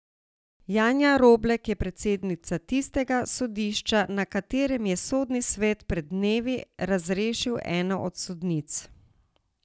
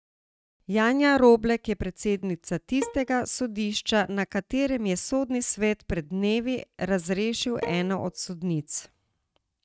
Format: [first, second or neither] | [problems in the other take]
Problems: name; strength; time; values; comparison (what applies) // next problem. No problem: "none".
first | noise reduction (neural mask model RNNoise)